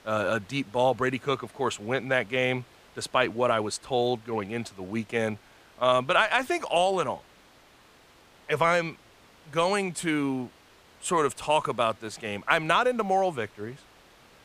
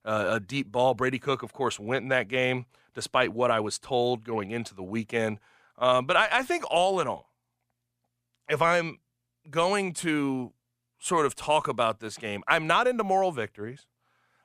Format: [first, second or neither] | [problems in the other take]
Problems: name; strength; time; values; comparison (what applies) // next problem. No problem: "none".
second | hiss; faint; throughout; 30 dB below the speech